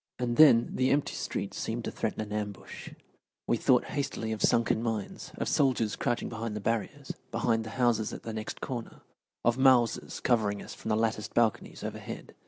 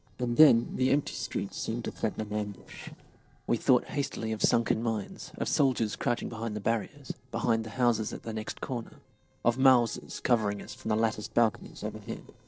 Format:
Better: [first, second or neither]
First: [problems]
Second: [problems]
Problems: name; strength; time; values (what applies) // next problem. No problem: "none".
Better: first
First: none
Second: noise reduction (neural separator model SepFormer DNS4)